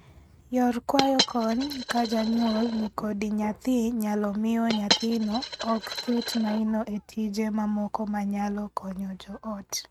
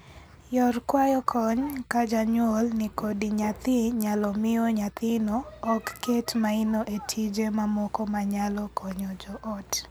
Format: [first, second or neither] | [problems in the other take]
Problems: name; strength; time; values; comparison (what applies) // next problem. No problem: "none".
second | noise reduction (neural mask model RNNoise)